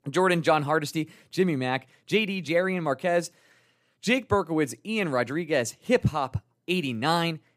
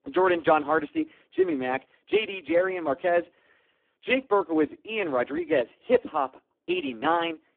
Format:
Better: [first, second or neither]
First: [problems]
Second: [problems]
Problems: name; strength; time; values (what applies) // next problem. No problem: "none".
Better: first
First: none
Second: phone-call audio; poor line